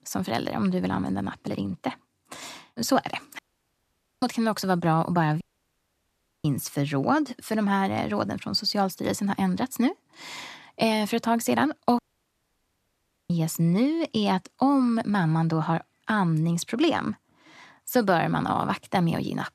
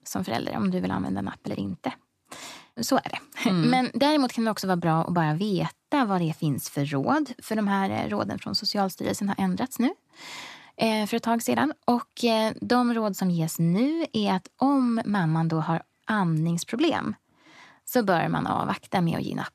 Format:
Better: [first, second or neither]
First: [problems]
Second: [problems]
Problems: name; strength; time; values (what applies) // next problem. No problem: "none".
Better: second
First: audio cutting out; at 3.5 s for 1 s, at 5.5 s for 1 s and at 12 s for 1.5 s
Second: none